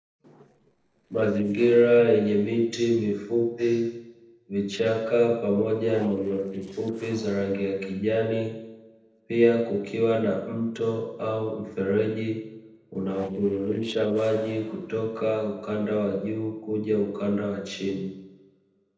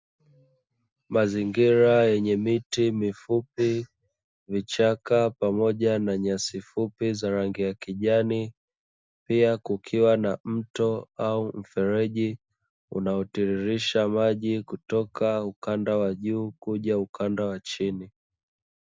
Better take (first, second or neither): second